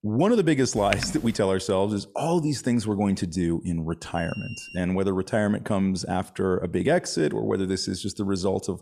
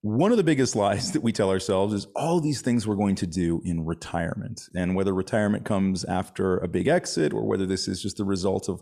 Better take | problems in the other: second | keyboard typing; noticeable; at 1 s; peak 5 dB below the speech // alarm; faint; at 4 s; peak 15 dB below the speech

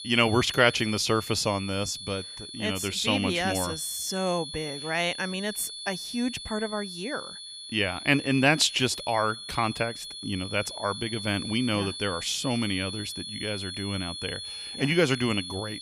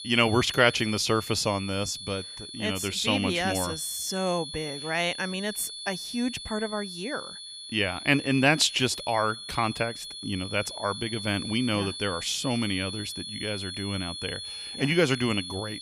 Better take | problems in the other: neither | high-pitched whine; loud; throughout; 4.5 kHz, 9 dB below the speech; the same in both

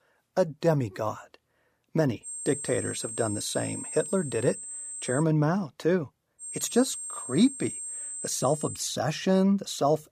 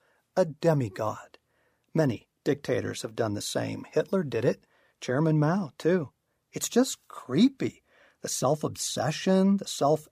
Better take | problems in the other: second | high-pitched whine; loud; from 2.5 to 5 s and from 6.5 to 9 s; 8.5 kHz, 7 dB below the speech

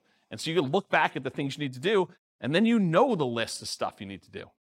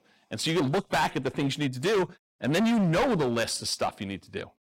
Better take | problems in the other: first | distortion; heavy; 16% of the sound clipped

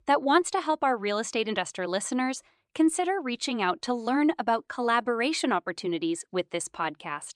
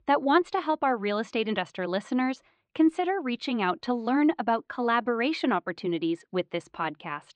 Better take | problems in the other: first | muffled; slightly; fading above 4 kHz

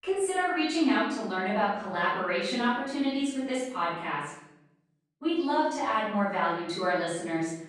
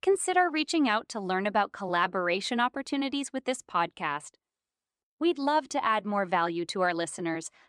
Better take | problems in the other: second | off-mic speech; far // room echo; strong; dies away in 0.9 s

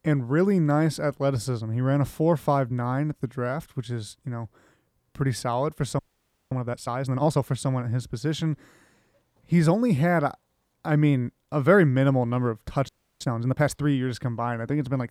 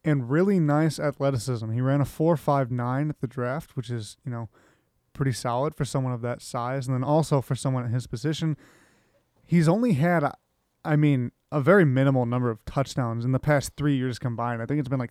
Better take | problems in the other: second | audio freezing; at 6 s for 0.5 s and at 13 s

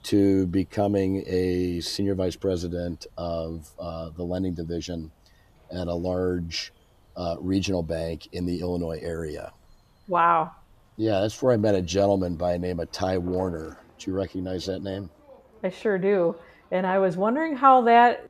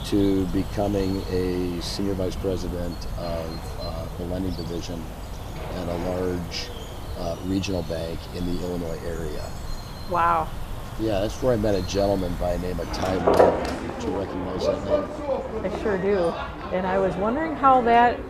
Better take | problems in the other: first | animal sounds; loud; throughout; 5 dB below the speech; faint in the first

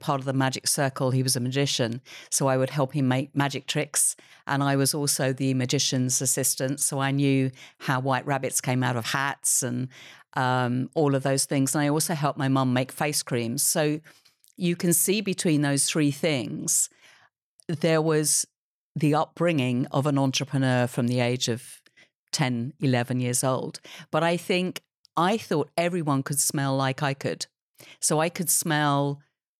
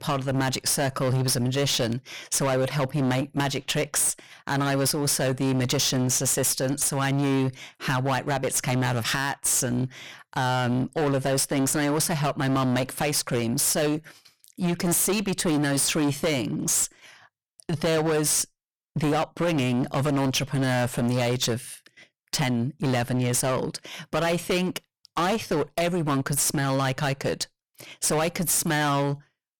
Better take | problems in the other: first | distortion; heavy; 22% of the sound clipped

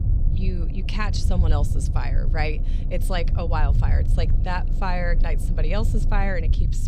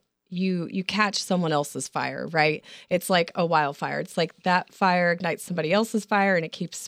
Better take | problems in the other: second | low rumble; noticeable; throughout; 10 dB below the speech

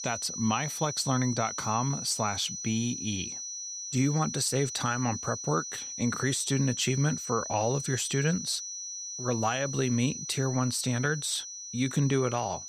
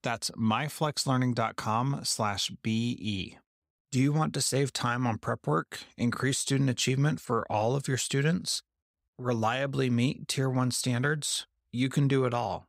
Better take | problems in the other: second | high-pitched whine; loud; throughout; 6 kHz, 6 dB below the speech

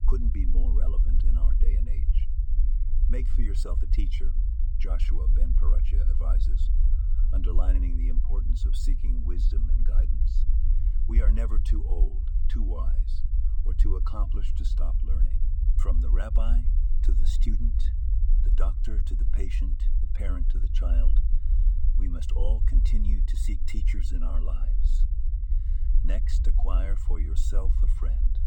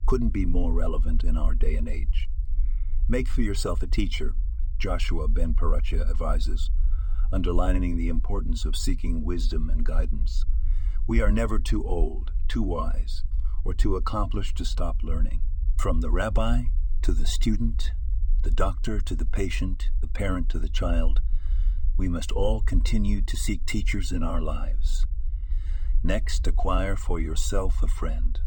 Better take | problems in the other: second | low rumble; loud; throughout; 5 dB below the speech; faint in the second

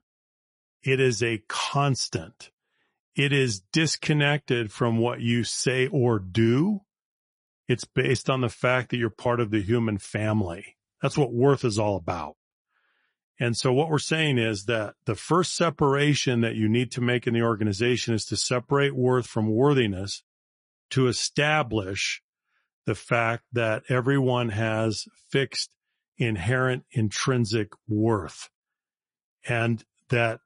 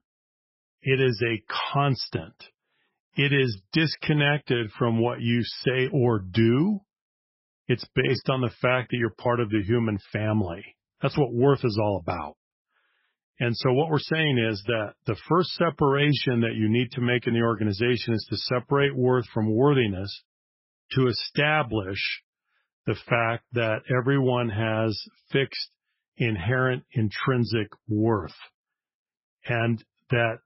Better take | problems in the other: first | garbled, watery; badly; nothing above 5.5 kHz; slightly in the first

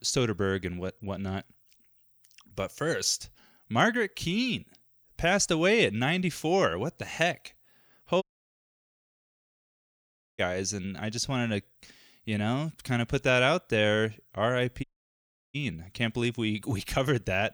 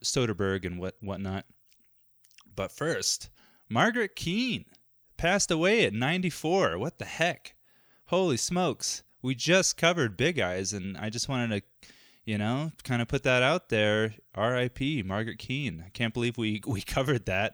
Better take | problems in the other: second | audio cutting out; at 8 s for 2 s and at 15 s for 0.5 s

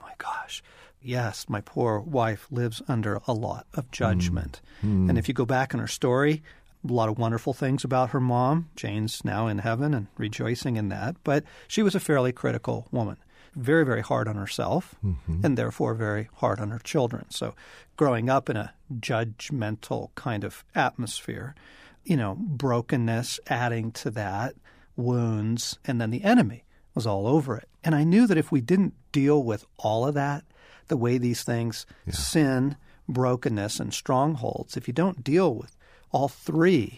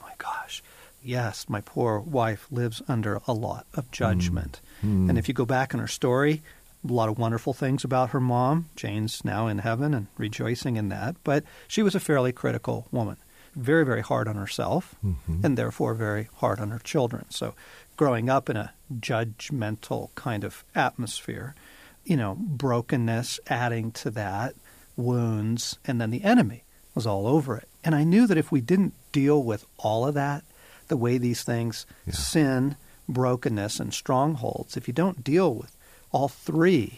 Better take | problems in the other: first | hiss; faint; throughout; 30 dB below the speech

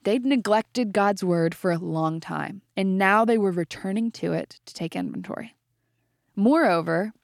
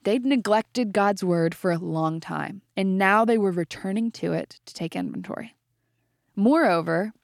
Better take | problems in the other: neither | none

